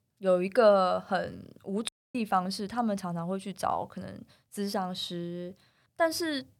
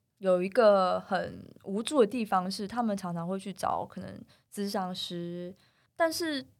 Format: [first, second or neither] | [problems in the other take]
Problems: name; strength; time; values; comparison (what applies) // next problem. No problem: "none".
second | audio cutting out; at 2 s